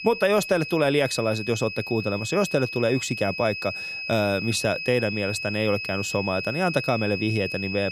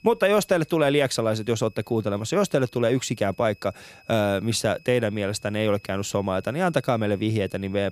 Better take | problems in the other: second | high-pitched whine; loud; throughout; 2.5 kHz, 6 dB below the speech; faint in the second

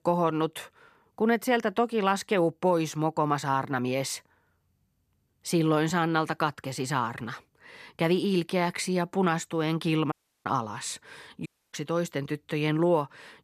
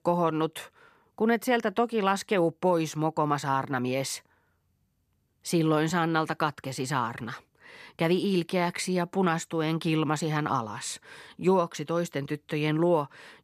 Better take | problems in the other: second | audio cutting out; at 10 s and at 11 s

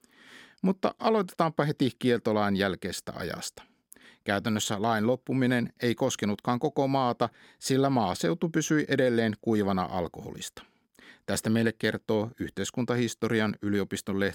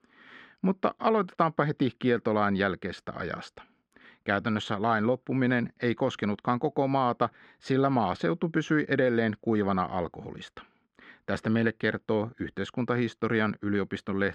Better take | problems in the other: first | muffled; slightly; fading above 2.5 kHz

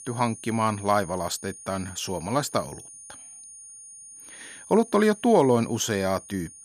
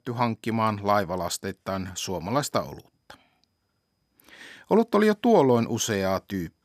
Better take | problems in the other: second | high-pitched whine; noticeable; throughout; 9.5 kHz, 15 dB below the speech

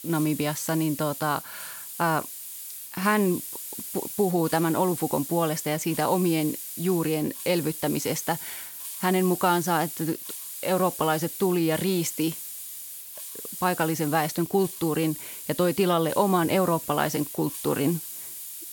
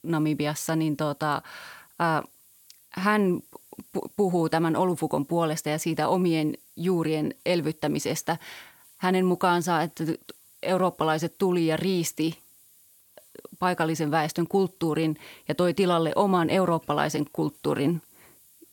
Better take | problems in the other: second | hiss; loud; throughout; 9 dB below the speech; faint in the second

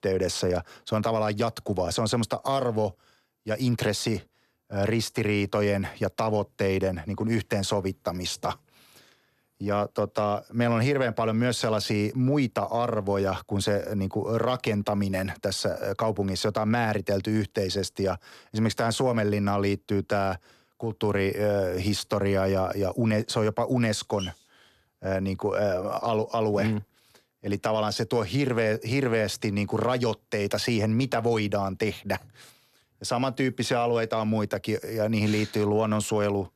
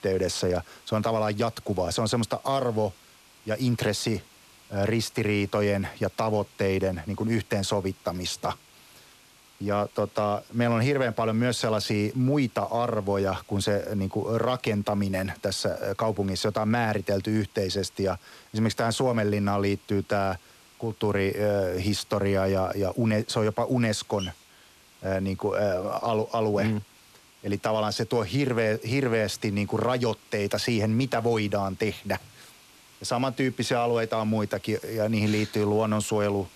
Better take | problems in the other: first | hiss; faint; throughout; 25 dB below the speech

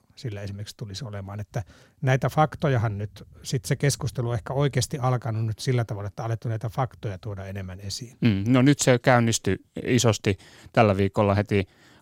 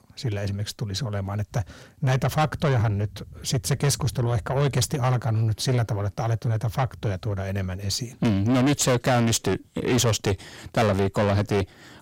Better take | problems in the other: first | distortion; heavy; 5 dB below the speech

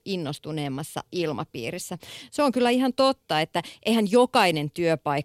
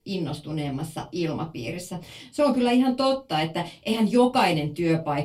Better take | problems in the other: first | off-mic speech; far // room echo; very slight; dies away in 0.2 s

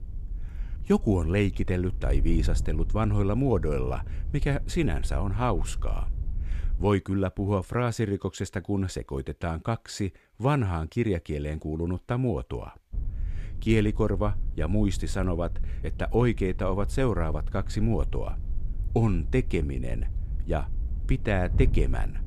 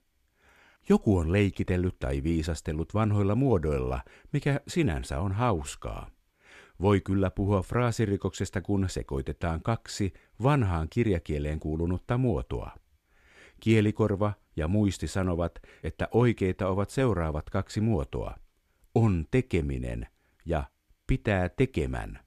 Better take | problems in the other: second | wind noise on the microphone; occasional gusts; until 7 s and from 13 s on; 20 dB below the speech

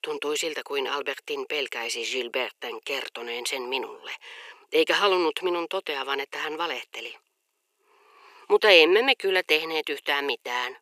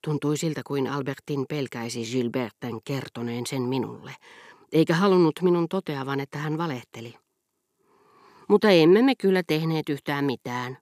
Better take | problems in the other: second | thin; very; fading below 450 Hz

